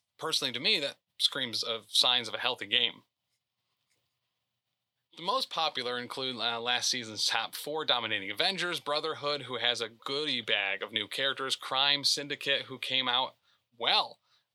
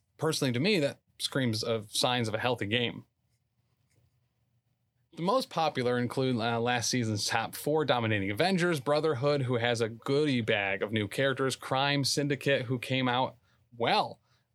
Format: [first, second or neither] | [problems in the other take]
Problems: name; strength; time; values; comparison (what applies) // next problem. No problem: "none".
second | thin; somewhat; fading below 750 Hz